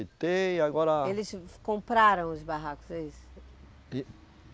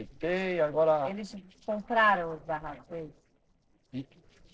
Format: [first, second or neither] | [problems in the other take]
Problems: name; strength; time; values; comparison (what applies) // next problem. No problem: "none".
first | noise reduction (neural separator model SepFormer DNS4)